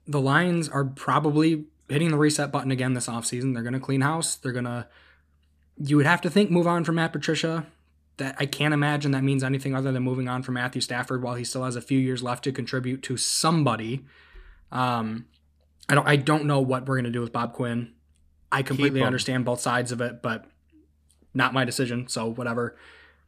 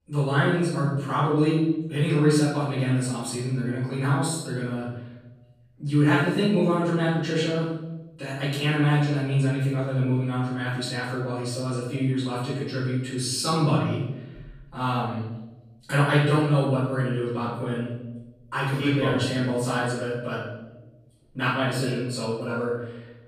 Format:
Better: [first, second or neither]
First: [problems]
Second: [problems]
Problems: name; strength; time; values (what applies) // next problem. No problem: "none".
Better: first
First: none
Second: off-mic speech; far // room echo; strong; dies away in 0.9 s